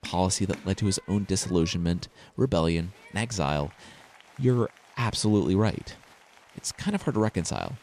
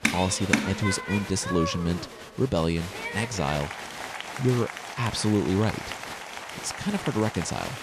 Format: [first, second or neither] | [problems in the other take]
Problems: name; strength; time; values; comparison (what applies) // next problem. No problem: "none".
first | crowd noise; loud; throughout; 5 dB below the speech; faint in the first